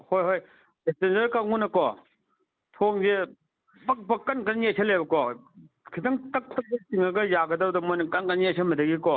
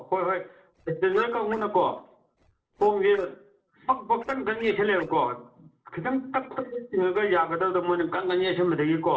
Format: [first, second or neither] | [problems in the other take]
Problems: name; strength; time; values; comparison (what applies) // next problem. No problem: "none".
first | noise reduction (neural separator model SepFormer DNS4)